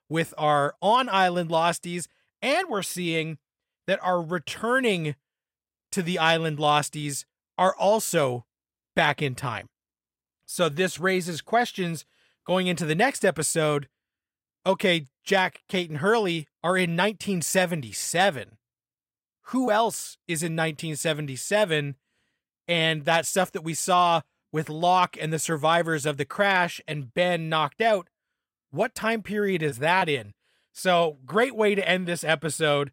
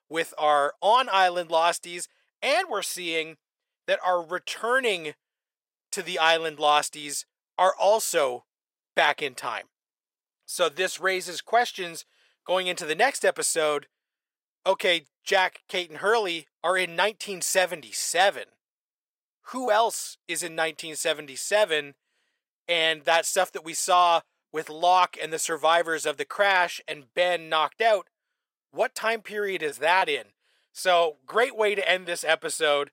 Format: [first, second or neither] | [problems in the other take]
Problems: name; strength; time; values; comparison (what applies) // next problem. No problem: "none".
first | thin; very; fading below 500 Hz